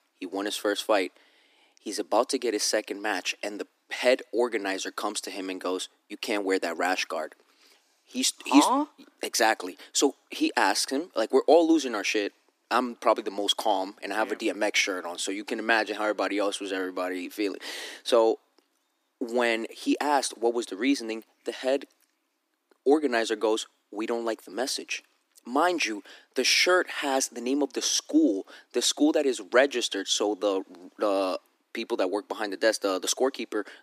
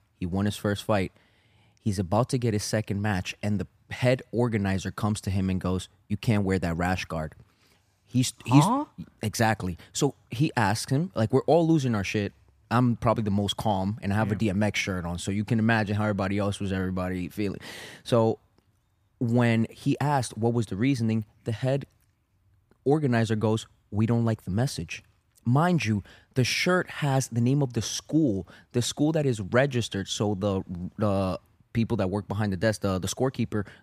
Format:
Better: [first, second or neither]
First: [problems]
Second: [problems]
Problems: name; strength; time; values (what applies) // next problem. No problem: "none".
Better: second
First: thin; somewhat; fading below 300 Hz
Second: none